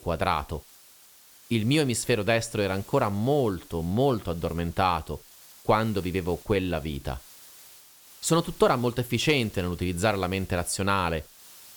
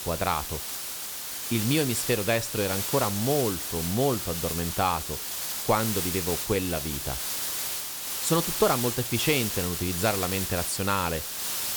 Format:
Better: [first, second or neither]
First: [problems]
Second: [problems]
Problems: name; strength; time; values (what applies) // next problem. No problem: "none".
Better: first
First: hiss; faint; throughout; 20 dB below the speech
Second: hiss; loud; throughout; 2 dB below the speech